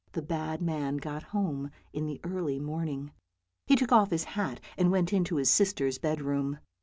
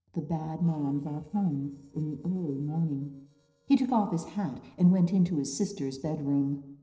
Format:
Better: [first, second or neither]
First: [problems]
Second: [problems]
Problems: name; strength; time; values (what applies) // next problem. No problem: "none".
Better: first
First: none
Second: noise reduction (neural separator model SepFormer DNS4)